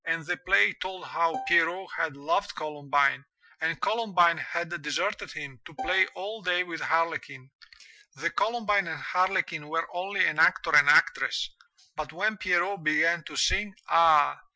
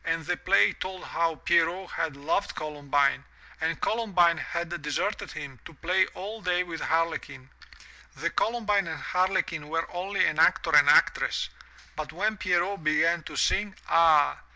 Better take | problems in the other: second | noise reduction (classical method Wiener filter)

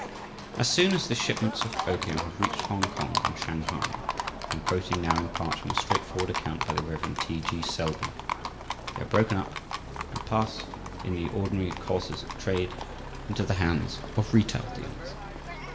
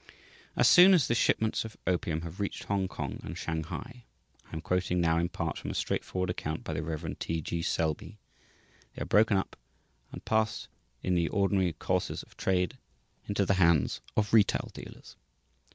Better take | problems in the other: second | background sound (Livestock, farm animals, working animals); 4 dB below the speech // room echo; dies away in 0.6 s

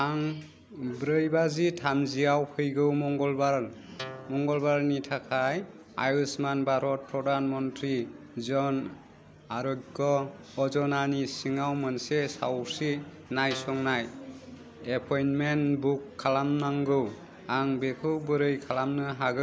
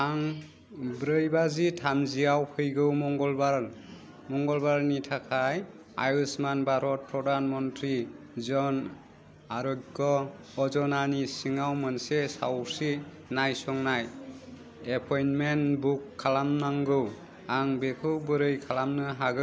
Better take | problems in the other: second | background sound (Guitar); 15 dB below the speech

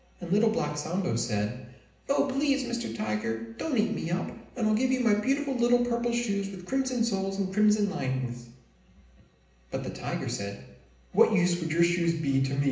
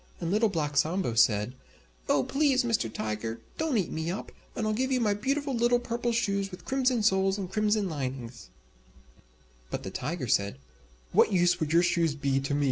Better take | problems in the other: second | room echo; dies away in 0.8 s

